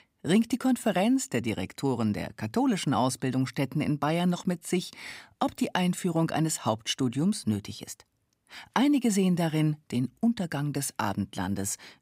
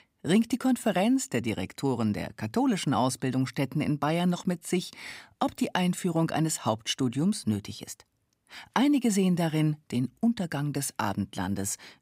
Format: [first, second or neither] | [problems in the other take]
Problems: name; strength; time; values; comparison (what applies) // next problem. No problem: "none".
neither | none